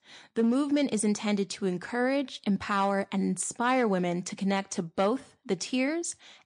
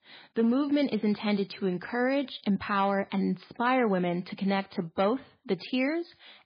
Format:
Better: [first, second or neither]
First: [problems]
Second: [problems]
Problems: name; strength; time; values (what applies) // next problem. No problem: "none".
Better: first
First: garbled, watery; slightly; nothing above 9 kHz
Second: garbled, watery; badly; nothing above 4 kHz